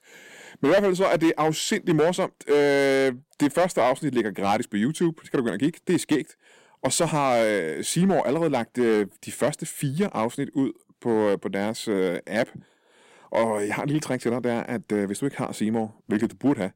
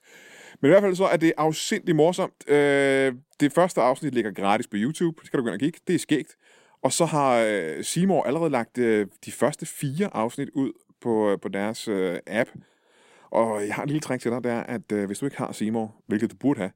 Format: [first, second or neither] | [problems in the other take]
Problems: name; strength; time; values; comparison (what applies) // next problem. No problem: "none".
second | distortion; slight; 4% of the sound clipped